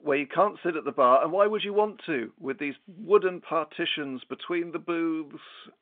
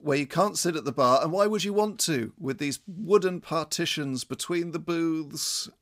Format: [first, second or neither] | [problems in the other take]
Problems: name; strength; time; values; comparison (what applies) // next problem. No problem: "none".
second | phone-call audio; nothing above 3 kHz